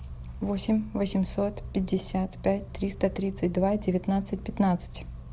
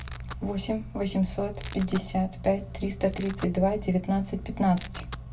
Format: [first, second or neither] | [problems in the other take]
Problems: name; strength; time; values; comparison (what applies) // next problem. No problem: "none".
first | background sound (Domestic sounds, home sounds); 20 dB below the speech // room echo; dies away in 0.2 s